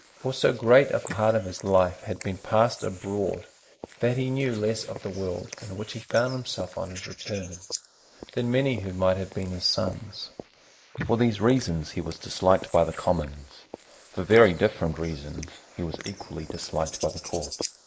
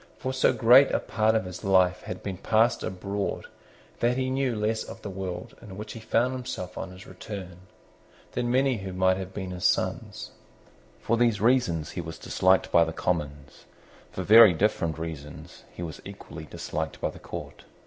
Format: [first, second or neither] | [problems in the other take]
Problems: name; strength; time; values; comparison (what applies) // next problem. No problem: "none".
second | noise reduction (neural mask model Resemble Enhance denoiser)